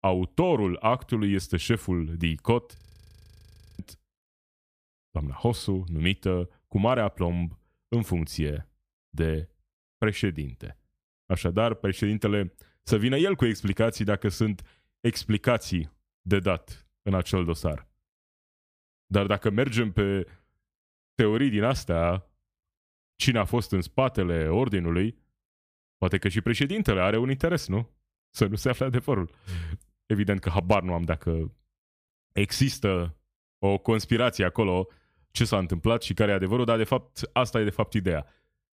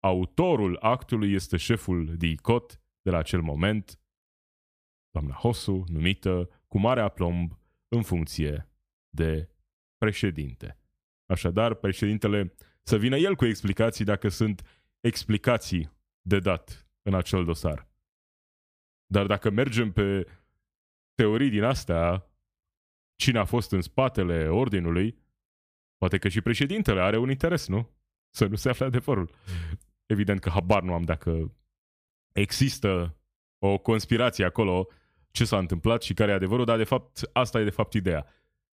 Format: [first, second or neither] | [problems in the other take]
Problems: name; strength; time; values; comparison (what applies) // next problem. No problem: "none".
second | audio freezing; at 3 s for 1 s